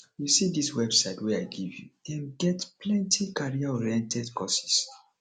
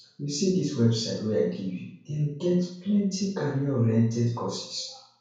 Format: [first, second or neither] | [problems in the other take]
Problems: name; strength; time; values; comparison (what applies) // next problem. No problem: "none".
first | room echo; dies away in 0.6 s